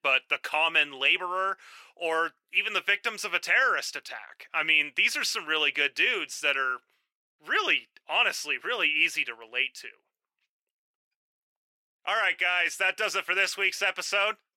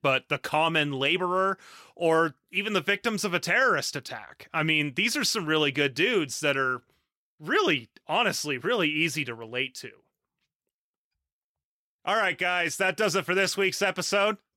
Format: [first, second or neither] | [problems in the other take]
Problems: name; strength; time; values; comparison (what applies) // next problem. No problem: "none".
second | thin; very; fading below 550 Hz